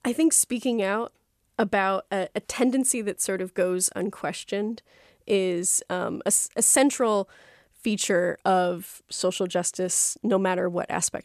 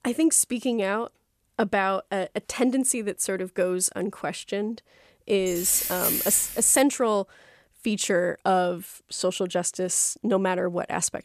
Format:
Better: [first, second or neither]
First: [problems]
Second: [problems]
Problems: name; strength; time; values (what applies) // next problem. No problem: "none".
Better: first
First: none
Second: jangling keys; loud; from 5.5 to 7 s; peak 1 dB above the speech